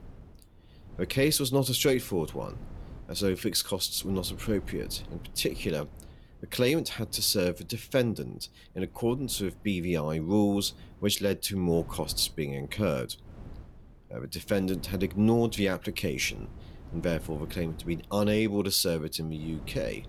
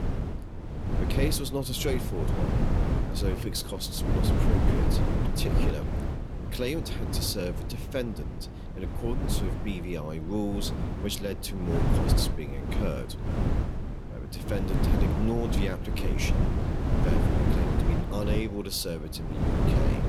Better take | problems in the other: first | wind noise on the microphone; heavy; 1 dB below the speech; occasional gusts in the first

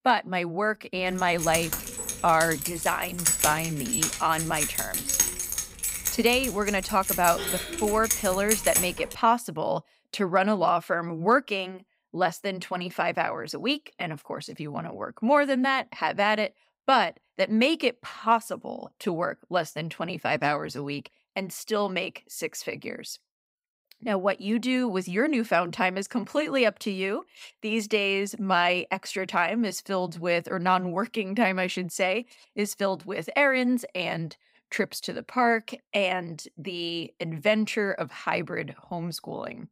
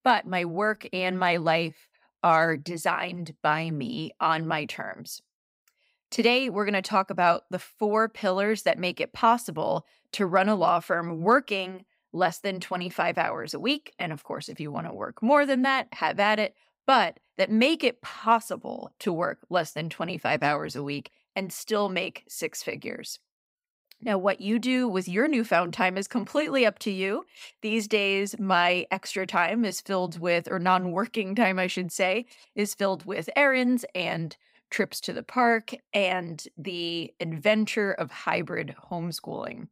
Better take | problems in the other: second | jangling keys; loud; from 1 to 9 s; peak 5 dB above the speech

